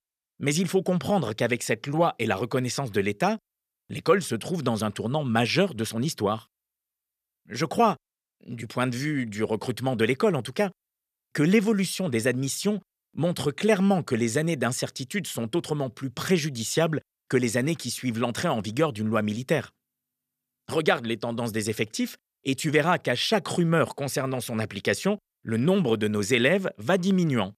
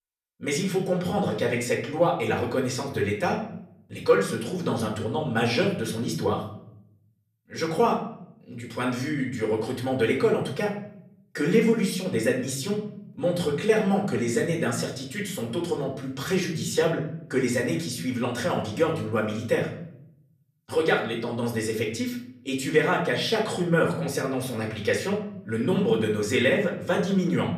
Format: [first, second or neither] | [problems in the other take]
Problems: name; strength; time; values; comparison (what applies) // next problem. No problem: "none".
first | off-mic speech; far // room echo; slight; dies away in 0.5 s